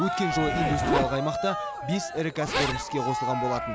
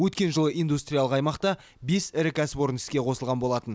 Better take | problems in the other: second | background sound (Cheering + Zipper (clothing)); as loud as the speech

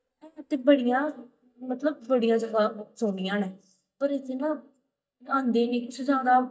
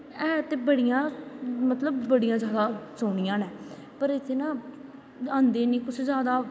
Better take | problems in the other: second | noise reduction (neural mask model DeepFilterNet 3)

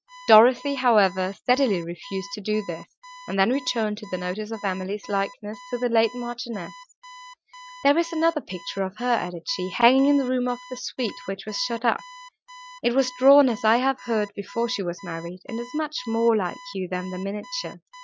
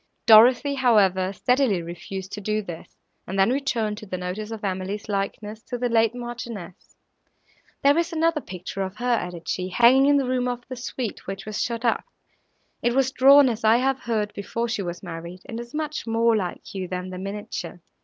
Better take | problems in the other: second | noise reduction (classical method Wiener filter)

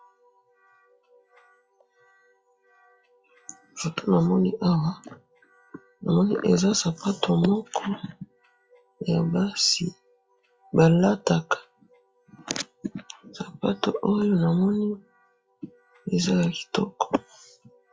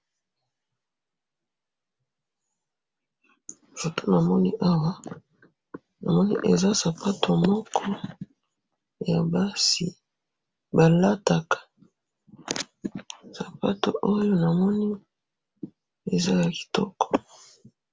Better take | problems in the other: second | noise reduction (classical method log-MMSE)

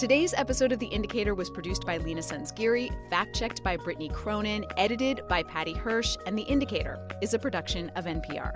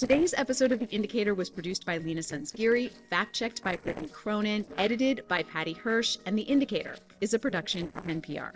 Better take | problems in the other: first | noise reduction (neural separator model SepFormer DNS4)

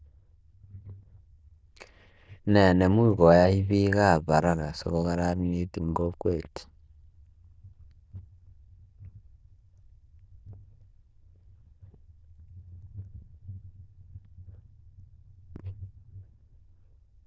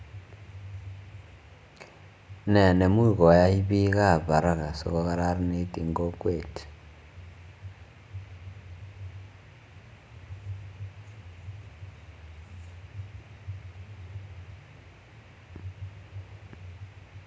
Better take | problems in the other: second | noise reduction (neural diffusion model UNIVERSE++)

